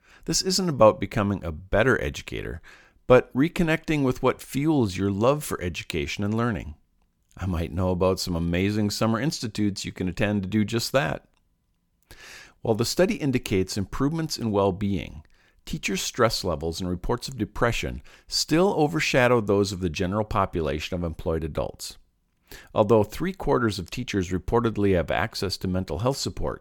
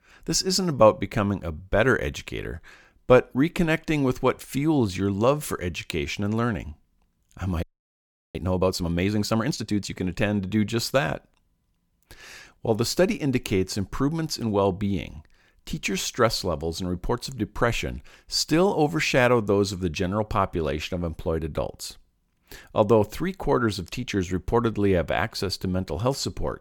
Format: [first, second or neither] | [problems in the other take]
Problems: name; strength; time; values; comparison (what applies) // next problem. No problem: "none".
first | audio freezing; at 7.5 s for 0.5 s